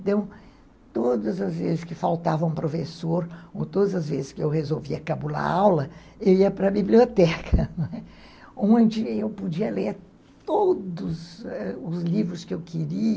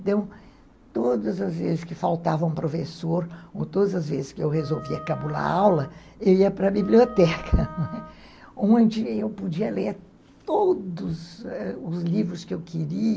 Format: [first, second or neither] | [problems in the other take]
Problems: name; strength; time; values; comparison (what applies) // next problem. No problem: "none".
first | background sound (Wind instrument, woodwind instrument); 17 dB below the speech